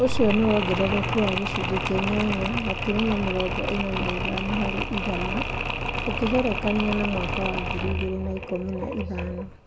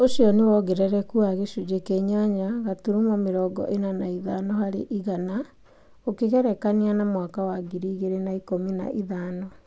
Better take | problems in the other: second | background sound (Mechanisms); 2 dB below the speech

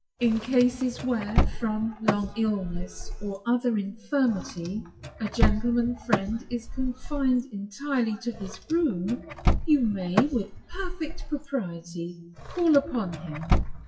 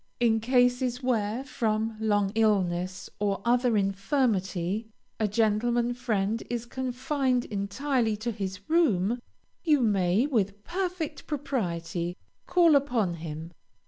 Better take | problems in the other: second | noise reduction (classical method WPE with log-MMSE)

